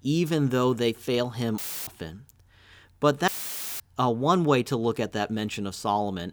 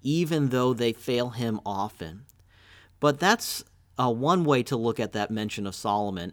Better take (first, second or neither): second